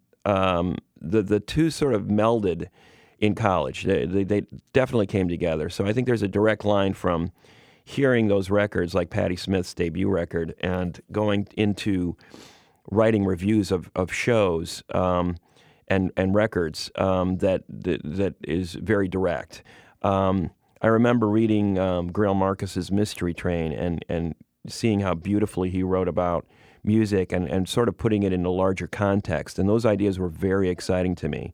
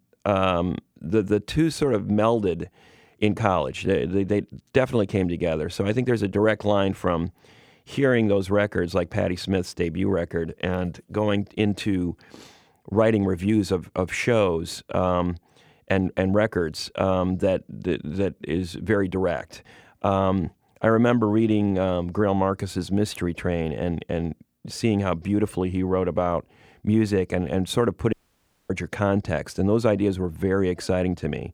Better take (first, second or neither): first